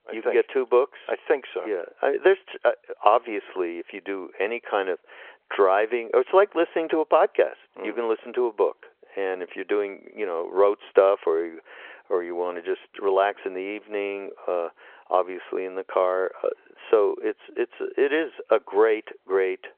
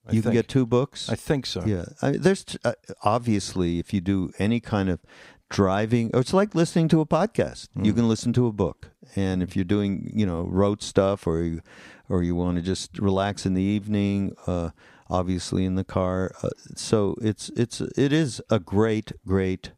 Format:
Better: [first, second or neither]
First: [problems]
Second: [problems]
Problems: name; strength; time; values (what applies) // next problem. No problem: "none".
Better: second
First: phone-call audio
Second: none